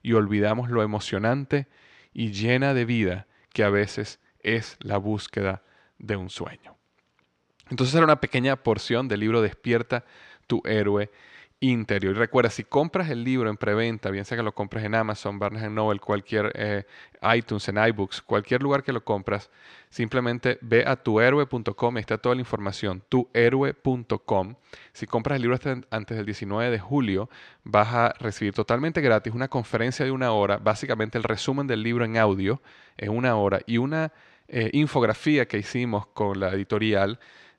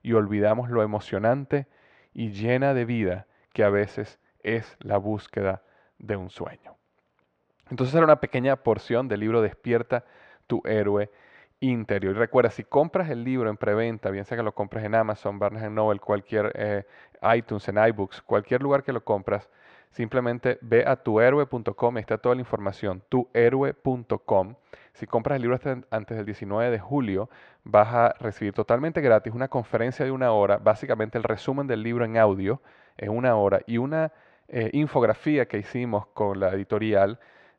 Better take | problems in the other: first | muffled; very; fading above 3 kHz

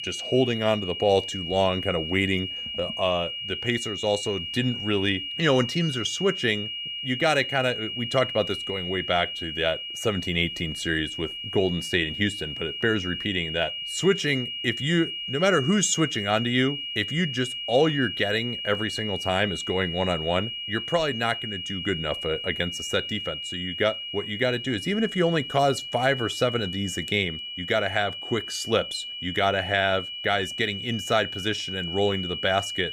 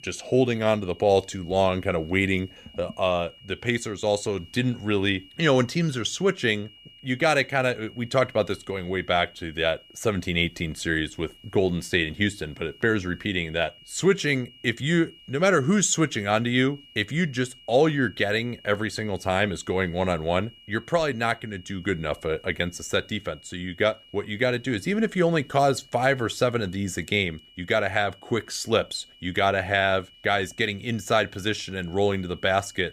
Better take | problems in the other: second | high-pitched whine; loud; throughout; 3 kHz, 5 dB below the speech; faint in the second

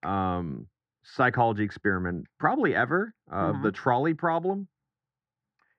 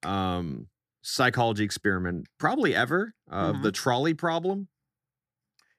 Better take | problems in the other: second | muffled; very; fading above 1.5 kHz

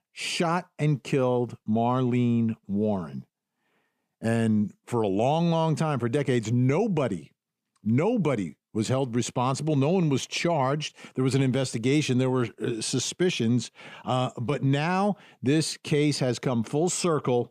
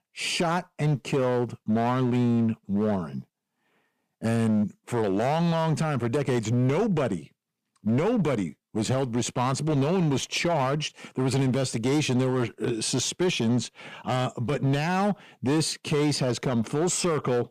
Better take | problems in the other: first | distortion; slight; 12% of the sound clipped

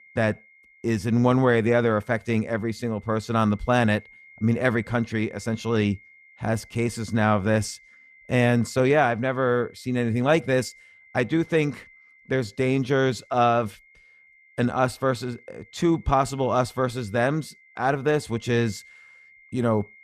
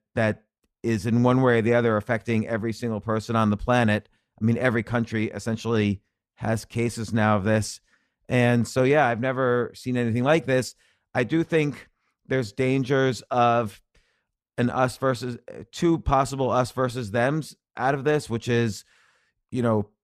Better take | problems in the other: second | high-pitched whine; faint; throughout; 2 kHz, 25 dB below the speech

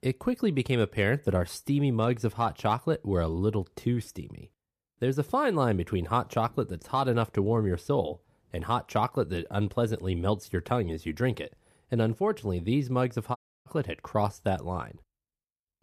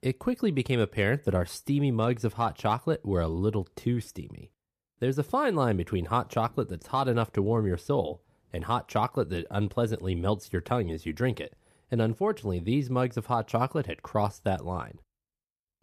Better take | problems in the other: second | audio cutting out; at 13 s

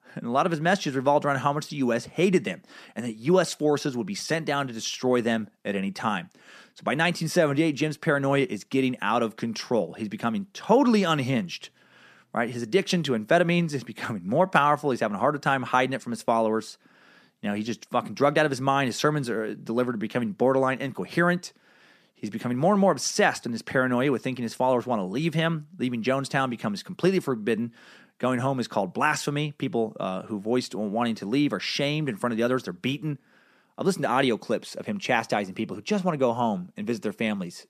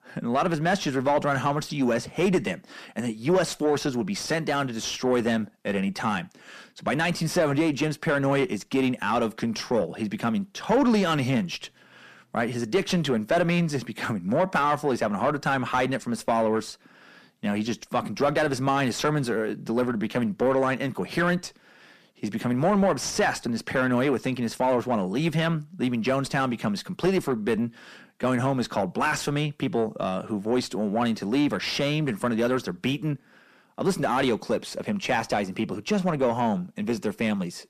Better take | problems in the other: first | distortion; slight; 10 dB below the speech

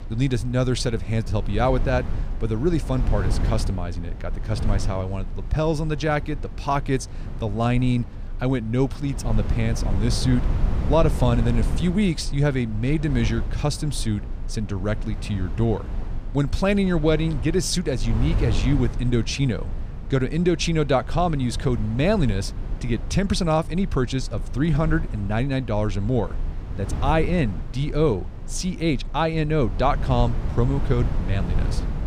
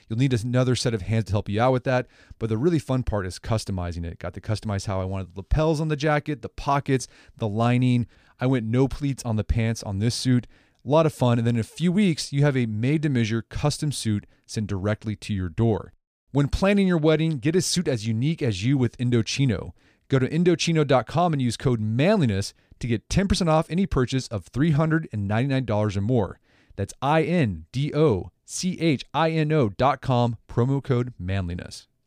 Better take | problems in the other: second | low rumble; noticeable; throughout; 15 dB below the speech

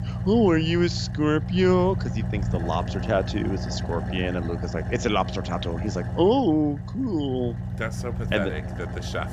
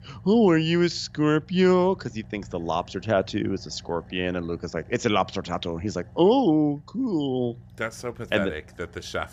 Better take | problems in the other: second | traffic noise; loud; throughout; 5 dB below the speech; faint in the second

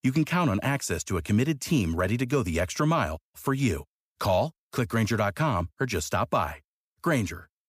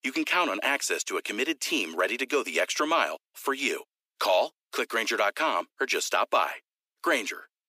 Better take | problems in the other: first | thin; very; fading below 300 Hz

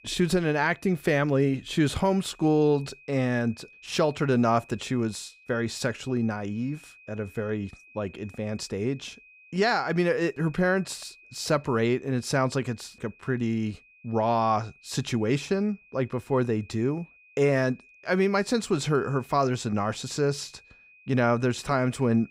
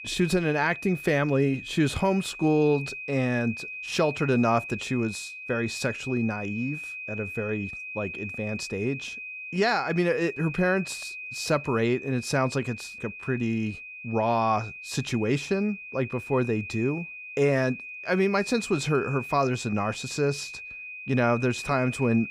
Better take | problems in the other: first | high-pitched whine; loud; throughout; 2.5 kHz, 10 dB below the speech; faint in the first

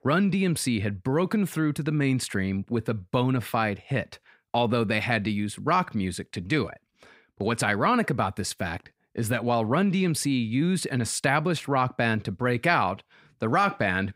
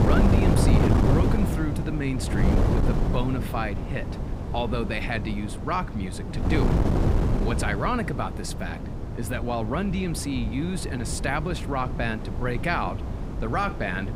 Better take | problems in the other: first | wind noise on the microphone; heavy; 4 dB below the speech

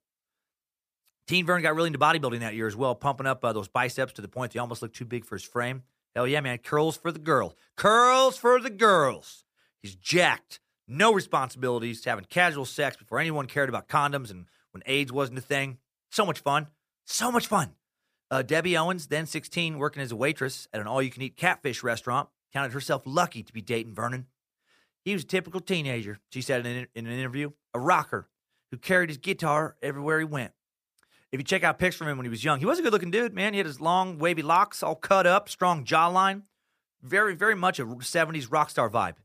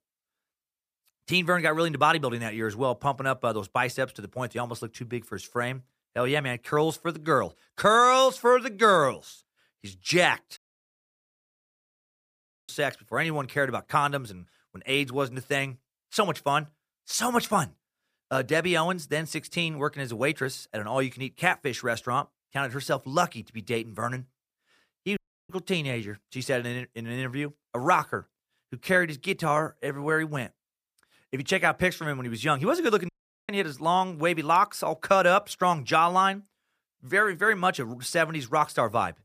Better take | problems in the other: first | audio cutting out; at 11 s for 2 s, at 25 s and at 33 s

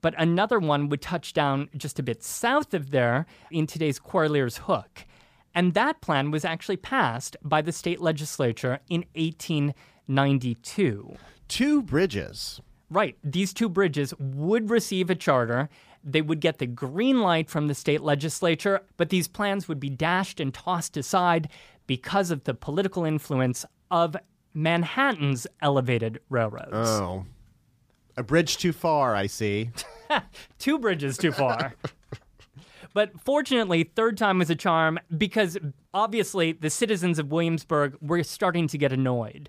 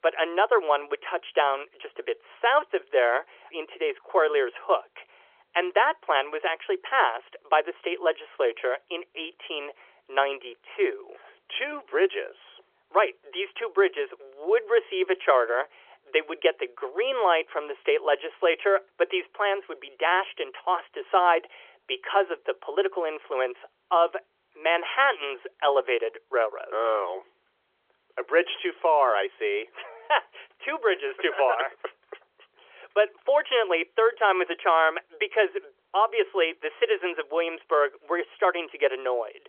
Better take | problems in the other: first | phone-call audio; nothing above 3.5 kHz

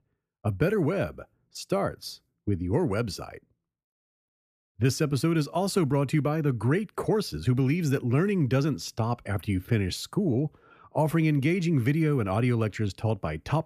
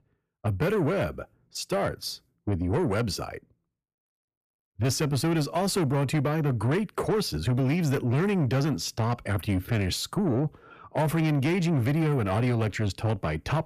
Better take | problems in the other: first | distortion; slight; 10 dB below the speech

